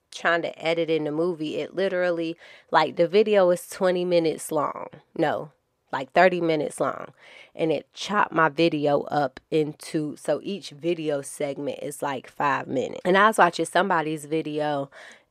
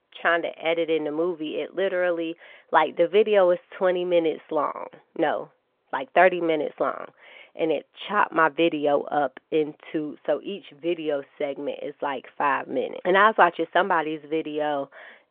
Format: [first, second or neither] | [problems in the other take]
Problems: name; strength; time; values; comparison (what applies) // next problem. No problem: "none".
first | phone-call audio; nothing above 3.5 kHz